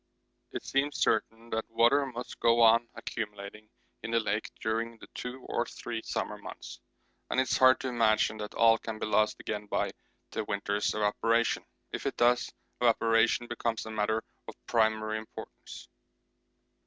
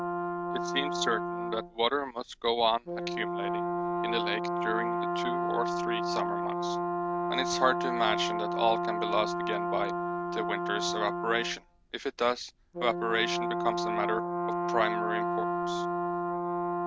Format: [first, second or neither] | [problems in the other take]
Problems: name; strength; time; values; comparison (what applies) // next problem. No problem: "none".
first | background sound (Brass instrument); 1 dB above the speech